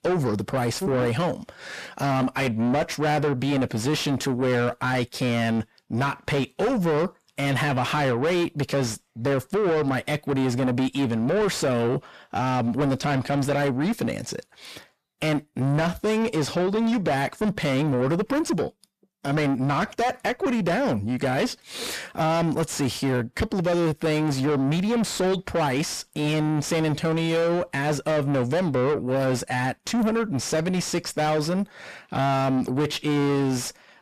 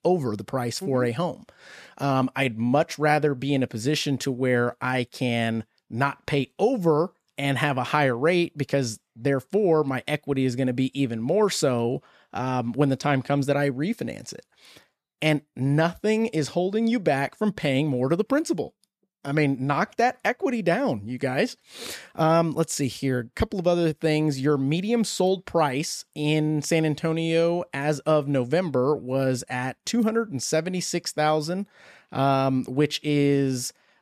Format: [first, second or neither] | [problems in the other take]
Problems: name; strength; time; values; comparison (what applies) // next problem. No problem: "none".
second | distortion; heavy; 6 dB below the speech